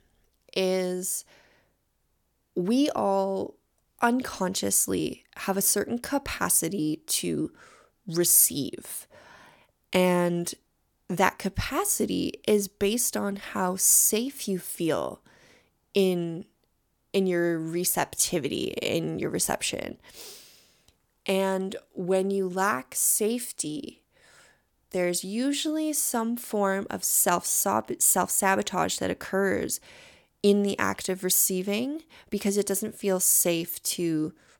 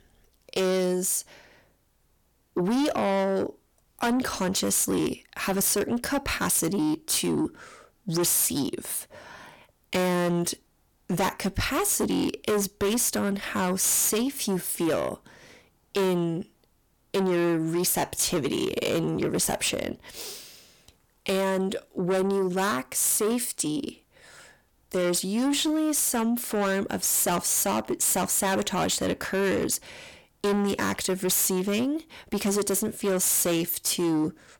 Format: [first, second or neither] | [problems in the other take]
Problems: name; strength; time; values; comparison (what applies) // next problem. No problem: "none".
first | distortion; heavy; 6 dB below the speech